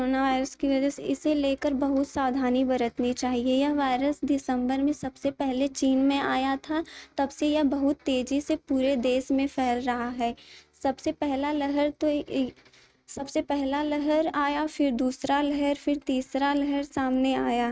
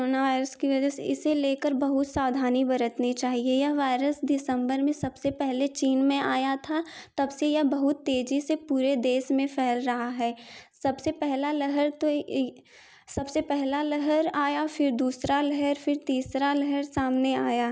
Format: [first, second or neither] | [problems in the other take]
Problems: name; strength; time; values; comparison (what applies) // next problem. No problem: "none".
second | noise reduction (neural mask model RNNoise)